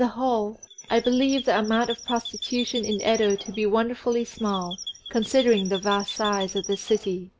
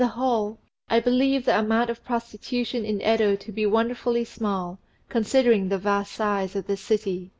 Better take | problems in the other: second | background sound (Chirp, tweet); 12 dB below the speech

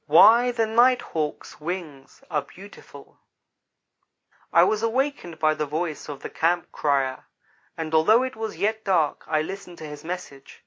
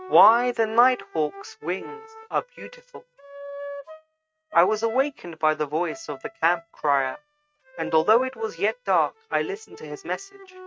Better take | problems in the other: first | noise reduction (neural mask model RNNoise)

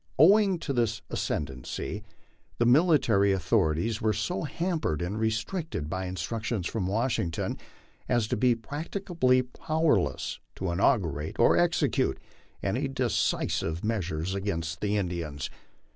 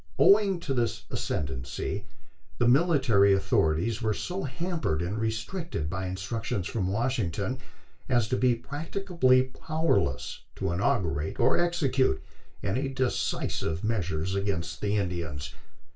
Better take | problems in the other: first | room echo; dies away in 0.2 s

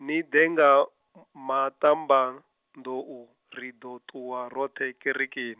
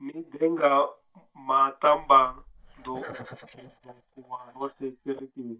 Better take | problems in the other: first | noise reduction (neural mask model DeepFilterNet 3)

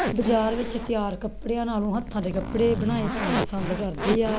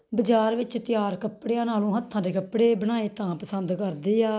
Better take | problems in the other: second | background sound (Zipper (clothing)); 4 dB below the speech

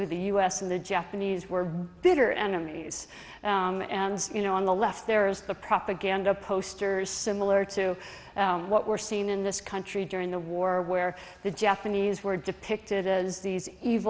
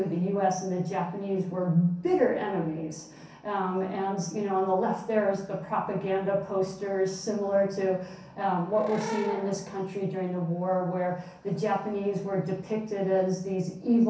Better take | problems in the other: first | background sound (Animal / Brass instrument); 12 dB below the speech // room echo; dies away in 0.6 s

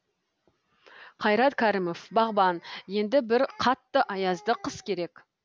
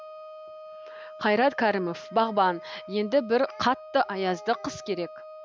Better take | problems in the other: first | background sound (Wind instrument, woodwind instrument); 16 dB below the speech

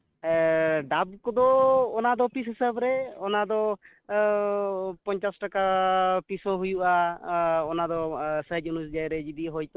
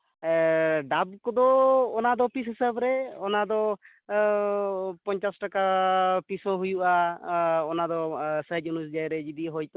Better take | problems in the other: second | noise reduction (neural mask model RNNoise)

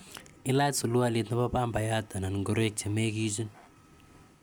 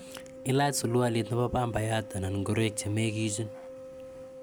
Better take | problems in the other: first | background sound (Wind instrument, woodwind instrument); 14 dB below the speech

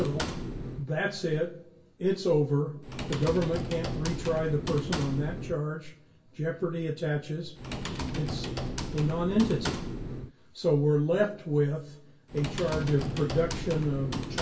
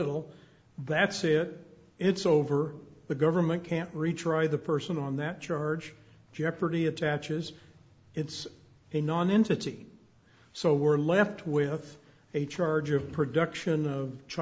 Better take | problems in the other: second | background sound (Typing); 7 dB below the speech // room echo; dies away in 0.2 s

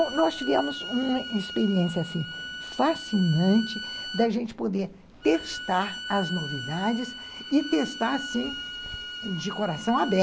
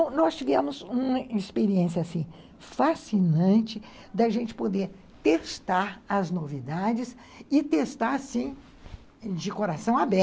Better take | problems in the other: second | background sound (Bowed string instrument); 10 dB below the speech

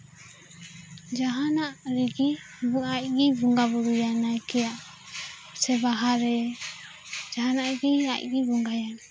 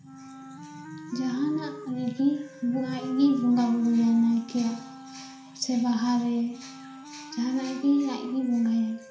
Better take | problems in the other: first | background sound (Wind instrument, woodwind instrument); 17 dB below the speech // room echo; dies away in 0.7 s

